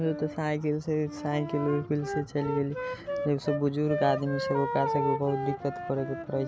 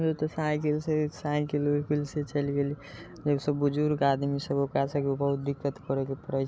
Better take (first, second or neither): second